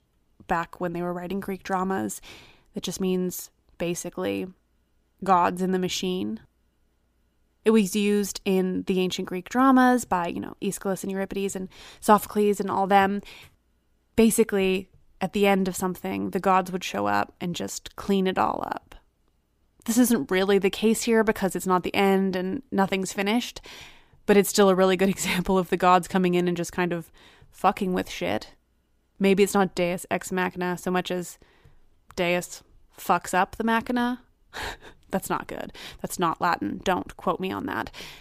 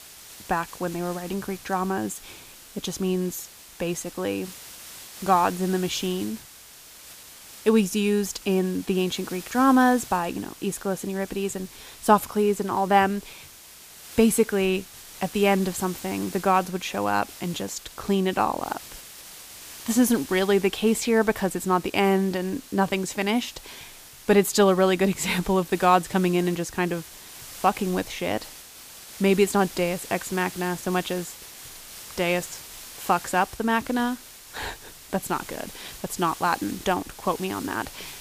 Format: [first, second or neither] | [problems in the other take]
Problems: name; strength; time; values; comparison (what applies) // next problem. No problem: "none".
first | hiss; noticeable; throughout; 15 dB below the speech